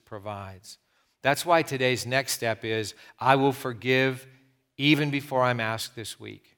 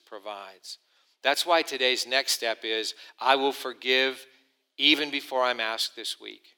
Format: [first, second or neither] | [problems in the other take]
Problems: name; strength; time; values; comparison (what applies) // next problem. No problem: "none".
first | thin; somewhat; fading below 300 Hz